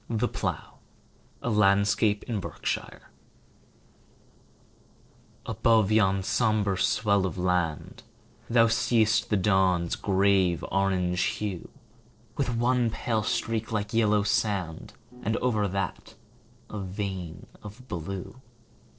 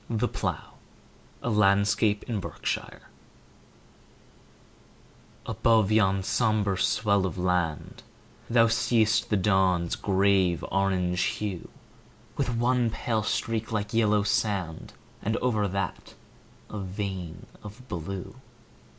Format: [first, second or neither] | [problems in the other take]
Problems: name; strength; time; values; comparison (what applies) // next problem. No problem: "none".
second | noise reduction (neural separator model SepFormer DNS4)